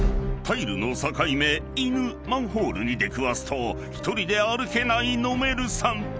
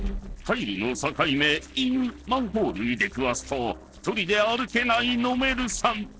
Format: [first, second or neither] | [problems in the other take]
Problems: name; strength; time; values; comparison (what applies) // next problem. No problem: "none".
first | noise reduction (neural separator model SepFormer DNS4)